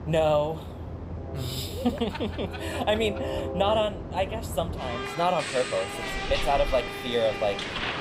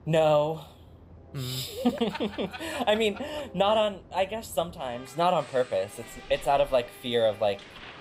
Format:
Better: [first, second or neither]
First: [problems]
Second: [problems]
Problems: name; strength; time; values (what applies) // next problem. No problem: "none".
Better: second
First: train or aircraft noise; loud; throughout; 6 dB below the speech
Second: train or aircraft noise; faint; throughout; 20 dB below the speech